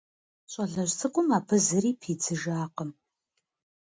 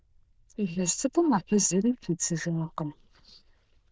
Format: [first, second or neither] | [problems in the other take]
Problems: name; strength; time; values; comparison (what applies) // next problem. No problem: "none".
first | noise reduction (neural diffusion model UNIVERSE++)